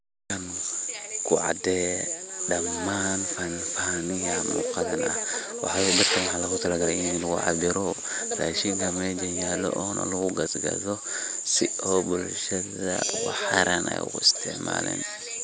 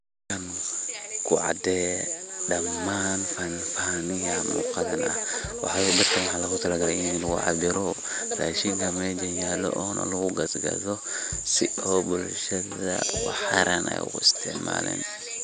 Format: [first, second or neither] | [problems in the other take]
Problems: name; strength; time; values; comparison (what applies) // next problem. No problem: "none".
first | background sound (Drum / Drum kit); 18 dB below the speech